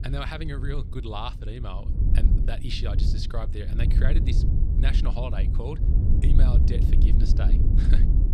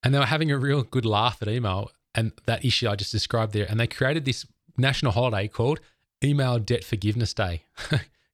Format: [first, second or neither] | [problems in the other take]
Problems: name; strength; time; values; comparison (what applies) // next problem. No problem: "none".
second | wind noise on the microphone; heavy; 3 dB below the speech